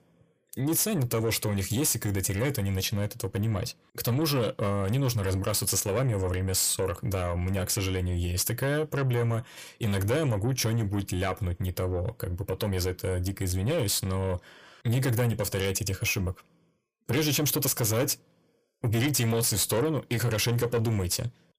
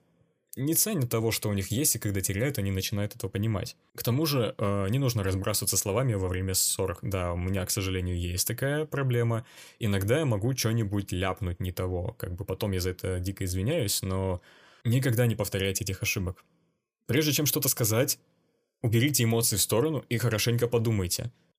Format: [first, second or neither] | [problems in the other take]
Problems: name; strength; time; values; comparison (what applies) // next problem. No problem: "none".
second | distortion; slight; 10 dB below the speech